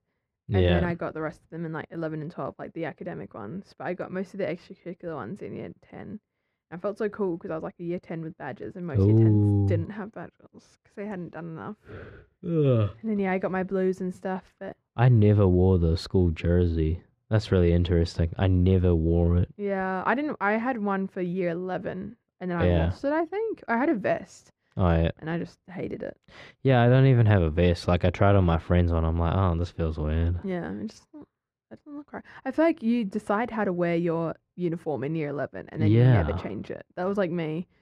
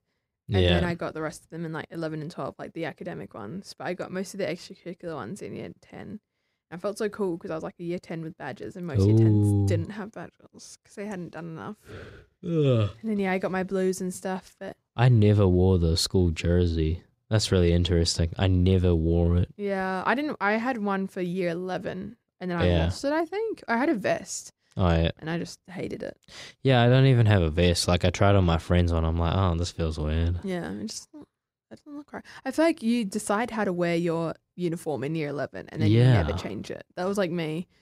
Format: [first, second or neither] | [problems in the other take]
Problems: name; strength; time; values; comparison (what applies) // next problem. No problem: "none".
second | muffled; slightly; fading above 4 kHz